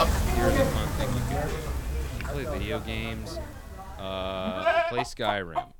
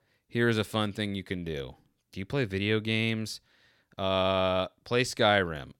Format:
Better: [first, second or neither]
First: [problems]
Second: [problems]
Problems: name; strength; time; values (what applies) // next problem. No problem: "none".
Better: second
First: animal sounds; very loud; throughout; 5 dB above the speech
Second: none